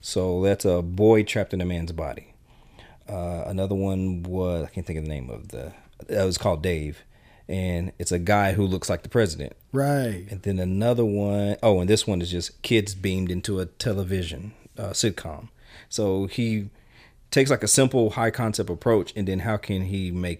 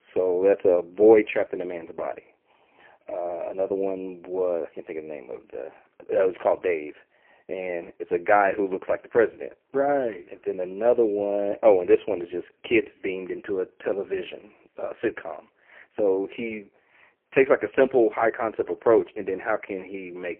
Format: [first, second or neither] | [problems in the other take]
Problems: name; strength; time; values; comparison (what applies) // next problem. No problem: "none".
first | phone-call audio; poor line